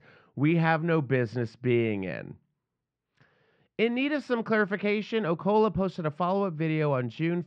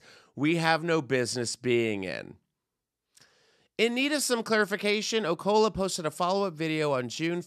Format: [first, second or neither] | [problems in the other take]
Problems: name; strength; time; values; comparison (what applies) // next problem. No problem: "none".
second | muffled; very; fading above 2.5 kHz